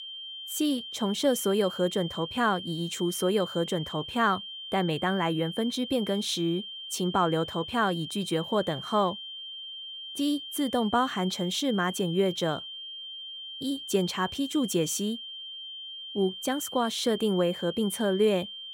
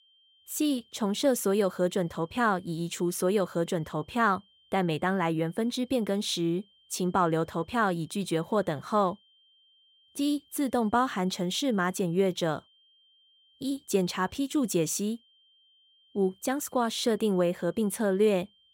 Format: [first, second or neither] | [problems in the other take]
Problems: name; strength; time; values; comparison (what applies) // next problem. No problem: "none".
second | high-pitched whine; loud; throughout; 3 kHz, 9 dB below the speech; faint in the second